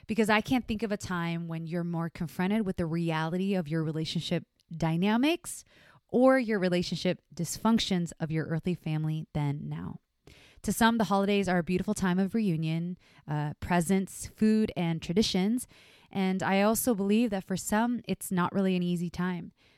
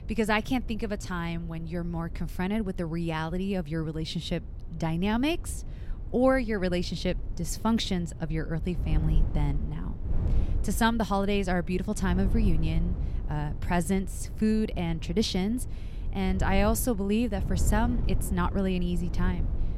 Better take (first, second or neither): first